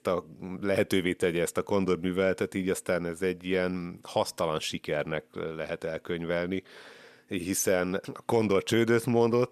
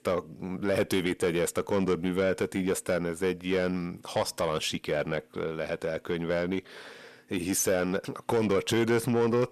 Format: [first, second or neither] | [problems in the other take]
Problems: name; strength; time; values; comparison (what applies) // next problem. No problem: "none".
first | distortion; slight; 10 dB below the speech